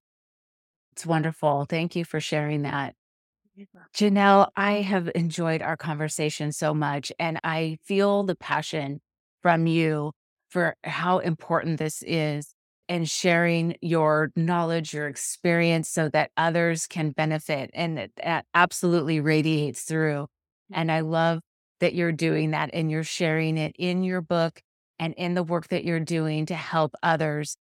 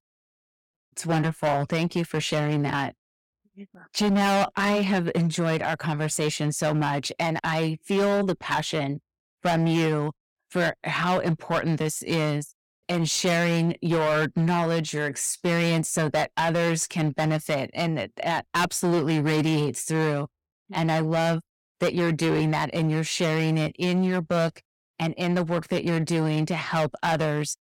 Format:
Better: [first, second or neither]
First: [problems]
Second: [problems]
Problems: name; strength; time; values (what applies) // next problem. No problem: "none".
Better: first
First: none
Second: distortion; heavy; 13% of the sound clipped